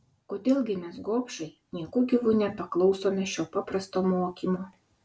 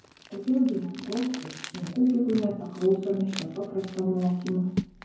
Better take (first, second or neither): first